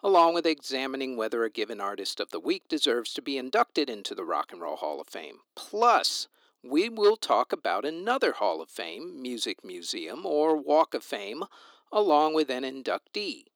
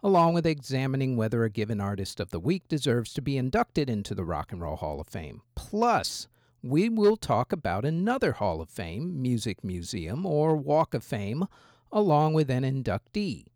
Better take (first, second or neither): second